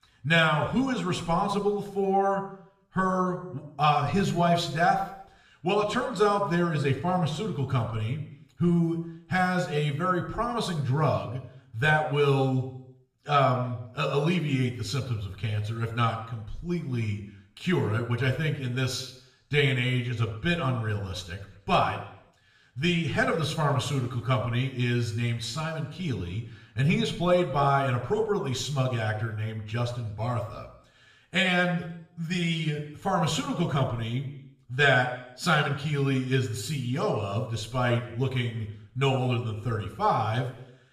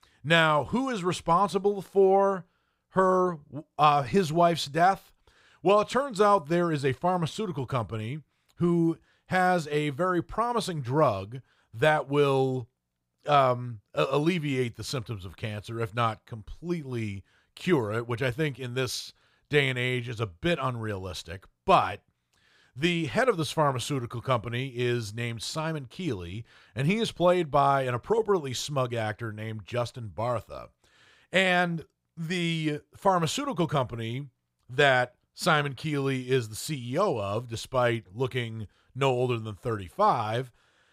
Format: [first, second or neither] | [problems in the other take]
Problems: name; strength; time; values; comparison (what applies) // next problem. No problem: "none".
second | room echo; slight; dies away in 0.7 s // off-mic speech; somewhat distant